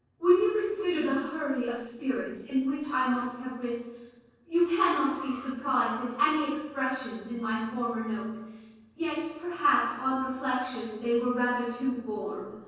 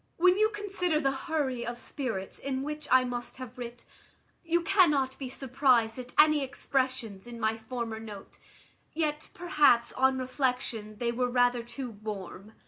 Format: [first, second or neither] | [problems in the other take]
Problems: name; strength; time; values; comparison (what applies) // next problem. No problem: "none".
second | noise reduction (neural separator model SepFormer DNS4)